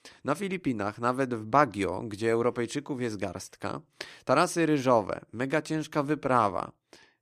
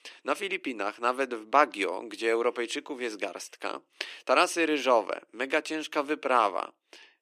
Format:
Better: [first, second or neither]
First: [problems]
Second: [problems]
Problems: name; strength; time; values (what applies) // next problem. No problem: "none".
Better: first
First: none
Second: thin; somewhat; fading below 300 Hz